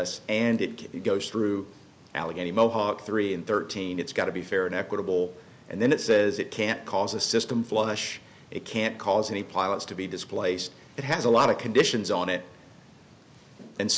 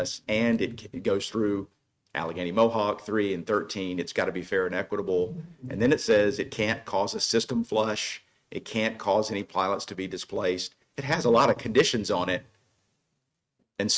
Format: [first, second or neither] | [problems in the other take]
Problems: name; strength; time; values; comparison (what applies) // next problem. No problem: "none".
first | noise reduction (neural mask model RNNoise)